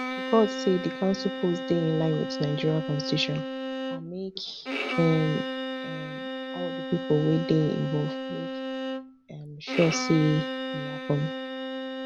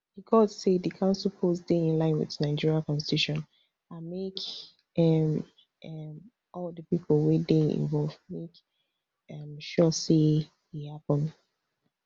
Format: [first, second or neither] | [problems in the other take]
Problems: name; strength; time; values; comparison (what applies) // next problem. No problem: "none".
second | background sound (Bowed string instrument); 5 dB below the speech